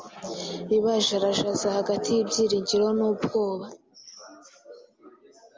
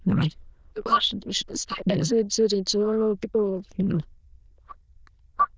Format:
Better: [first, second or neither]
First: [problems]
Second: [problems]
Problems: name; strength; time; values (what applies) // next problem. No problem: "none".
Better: first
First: none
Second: noise reduction (neural diffusion model UNIVERSE++)